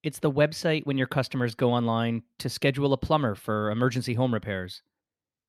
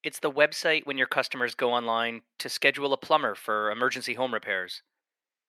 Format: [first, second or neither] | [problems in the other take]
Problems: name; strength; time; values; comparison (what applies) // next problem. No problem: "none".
first | thin; very; fading below 500 Hz